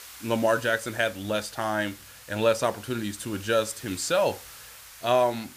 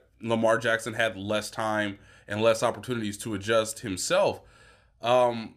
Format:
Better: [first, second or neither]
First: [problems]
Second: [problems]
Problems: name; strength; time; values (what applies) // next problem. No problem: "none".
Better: second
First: hiss; noticeable; throughout; 15 dB below the speech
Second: none